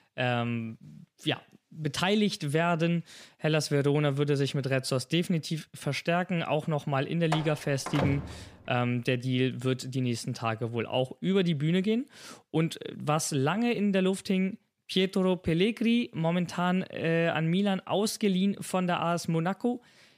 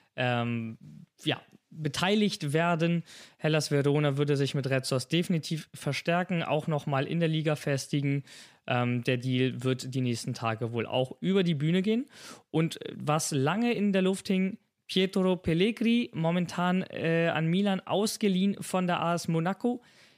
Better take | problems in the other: second | door banging; noticeable; from 7.5 to 8.5 s; peak 3 dB below the speech

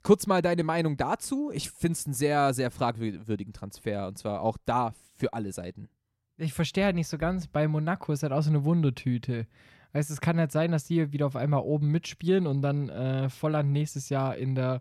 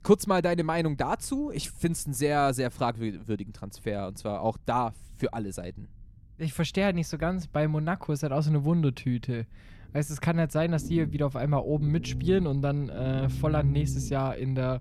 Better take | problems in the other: first | low rumble; noticeable; throughout; 15 dB below the speech

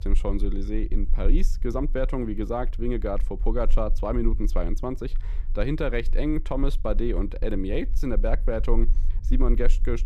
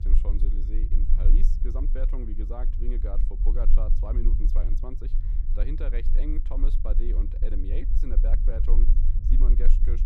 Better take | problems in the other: first | low rumble; loud; throughout; 7 dB below the speech; faint in the first

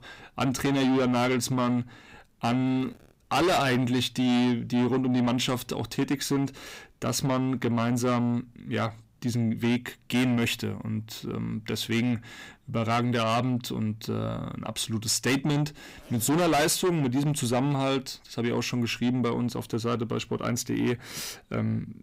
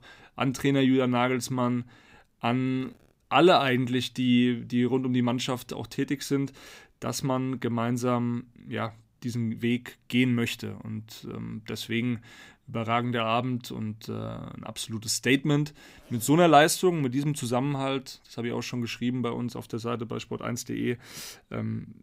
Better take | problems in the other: second | distortion; heavy; 6 dB below the speech

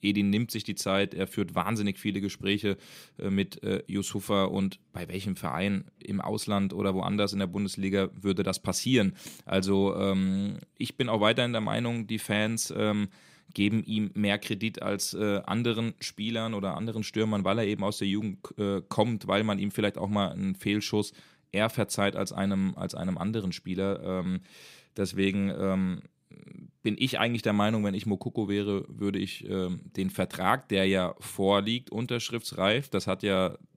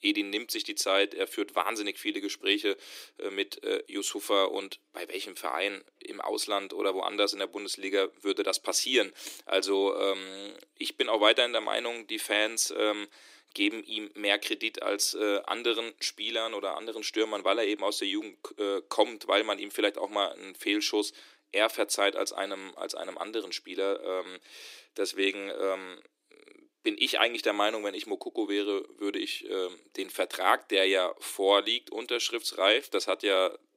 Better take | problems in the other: first | thin; very; fading below 300 Hz

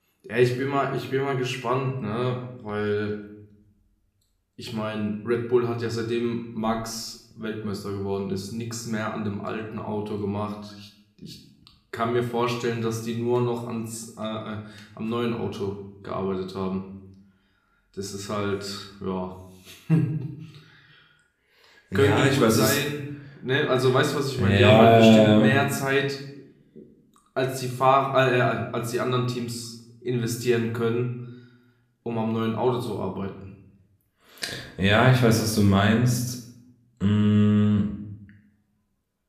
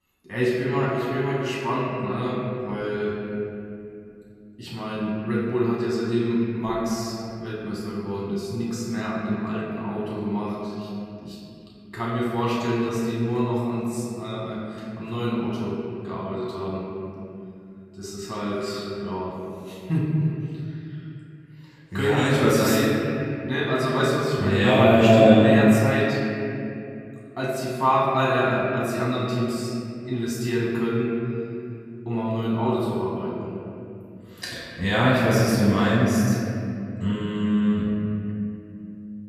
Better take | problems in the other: first | room echo; strong; dies away in 2.7 s; slight in the first // off-mic speech; far; somewhat distant in the first

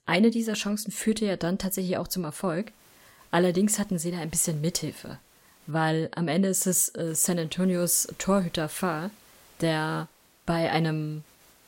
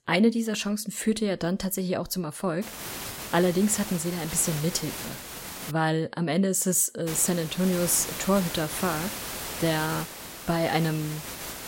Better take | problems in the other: first | hiss; loud; from 2.5 to 5.5 s and from 7 s on; 9 dB below the speech; faint in the first

